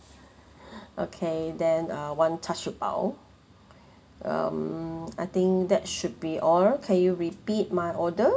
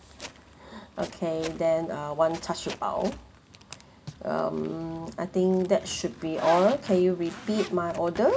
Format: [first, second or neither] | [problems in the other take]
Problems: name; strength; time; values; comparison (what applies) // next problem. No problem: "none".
first | background sound (Zipper (clothing)); 16 dB below the speech